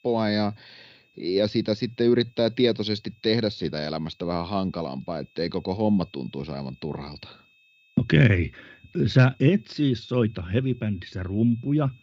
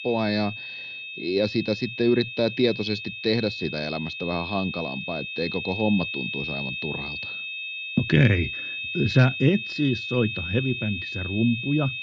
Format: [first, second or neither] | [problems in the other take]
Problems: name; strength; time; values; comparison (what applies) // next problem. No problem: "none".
first | high-pitched whine; loud; throughout; 2.5 kHz, 6 dB below the speech; faint in the first